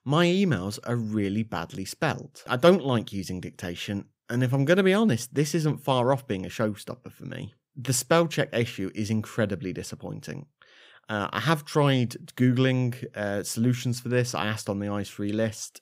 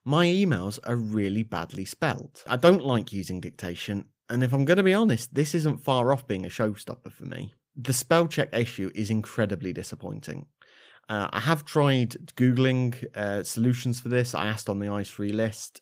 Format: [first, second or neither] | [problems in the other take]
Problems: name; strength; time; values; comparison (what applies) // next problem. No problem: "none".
first | garbled, watery; slightly; nothing above 15.5 kHz